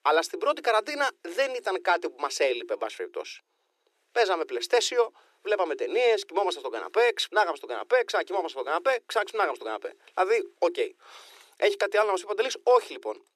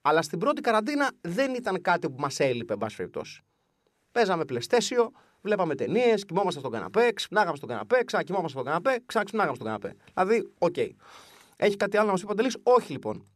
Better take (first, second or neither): second